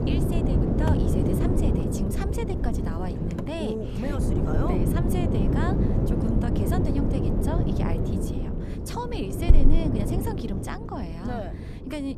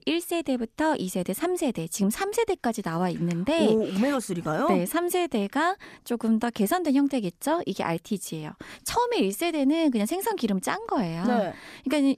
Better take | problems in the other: second | wind noise on the microphone; heavy; 2 dB above the speech

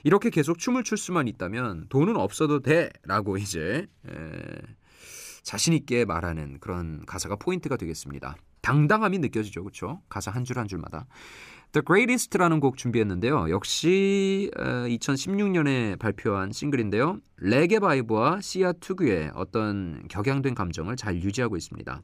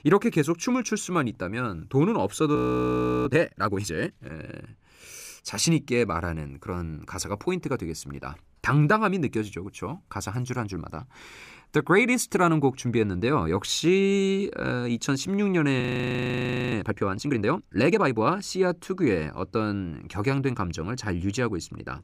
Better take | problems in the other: first | audio freezing; at 2.5 s for 0.5 s and at 16 s for 1 s

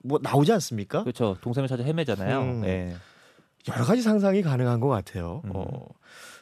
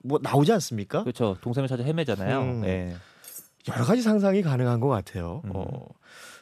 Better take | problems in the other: first | clattering dishes; faint; at 3 s; peak 15 dB below the speech

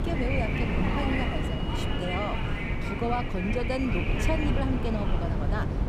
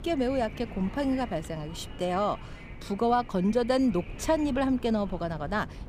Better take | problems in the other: second | wind noise on the microphone; heavy; 1 dB above the speech; occasional gusts in the second

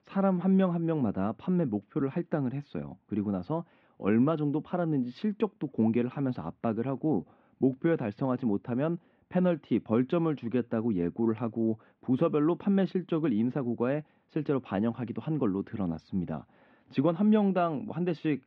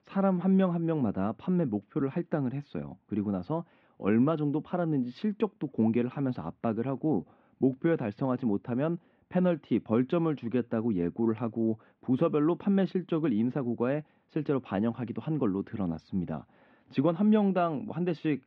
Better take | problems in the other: neither | muffled; very; fading above 2.5 kHz; the same in both

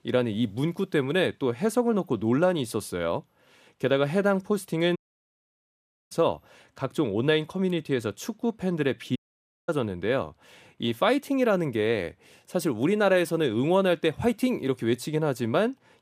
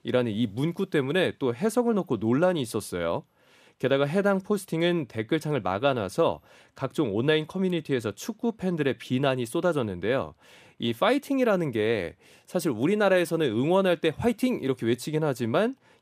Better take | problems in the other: second | audio cutting out; at 5 s for 1 s and at 9 s for 0.5 s

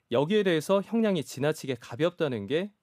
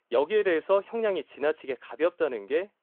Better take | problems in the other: first | phone-call audio; nothing above 3.5 kHz

